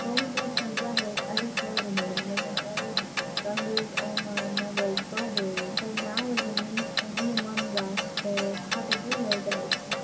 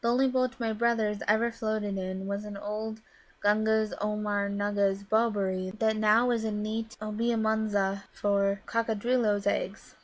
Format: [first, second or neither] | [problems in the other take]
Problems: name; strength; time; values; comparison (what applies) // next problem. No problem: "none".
second | background sound (Clock); 3 dB above the speech // room echo; dies away in 0.4 s